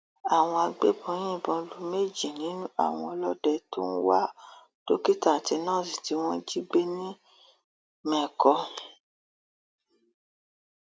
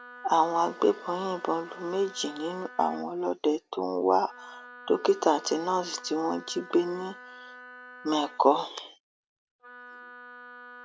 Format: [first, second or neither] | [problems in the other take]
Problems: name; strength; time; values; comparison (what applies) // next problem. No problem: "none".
first | background sound (Wind instrument, woodwind instrument); 19 dB below the speech